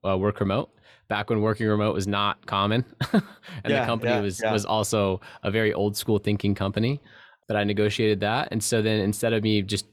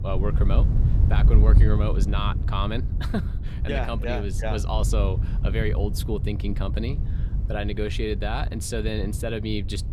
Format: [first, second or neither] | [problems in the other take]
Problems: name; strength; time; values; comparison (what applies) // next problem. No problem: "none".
first | wind noise on the microphone; heavy; 9 dB below the speech